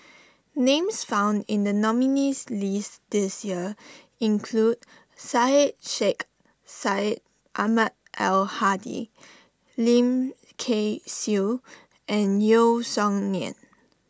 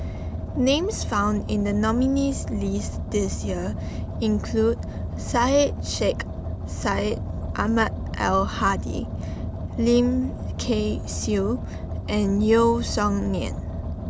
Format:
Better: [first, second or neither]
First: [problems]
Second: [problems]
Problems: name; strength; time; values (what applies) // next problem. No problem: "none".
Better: first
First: none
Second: background sound (Car); 5 dB below the speech